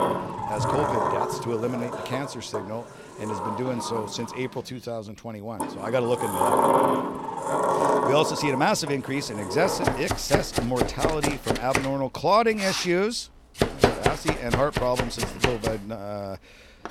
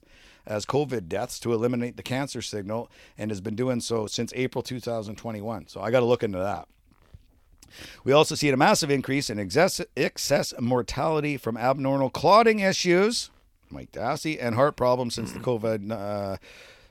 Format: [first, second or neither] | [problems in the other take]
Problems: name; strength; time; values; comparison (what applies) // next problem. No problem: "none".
second | household noises; very loud; throughout; 1 dB above the speech